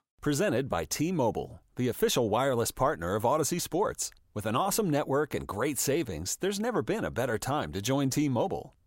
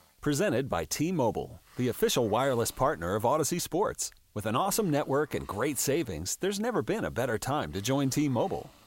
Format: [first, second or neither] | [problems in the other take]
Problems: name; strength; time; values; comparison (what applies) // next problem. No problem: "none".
first | hiss; faint; throughout; 30 dB below the speech